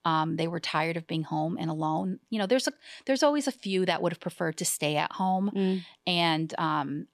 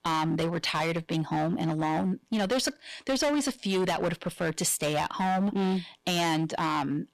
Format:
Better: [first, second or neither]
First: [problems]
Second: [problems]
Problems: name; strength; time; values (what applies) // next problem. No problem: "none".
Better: first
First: none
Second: distortion; heavy; 17% of the sound clipped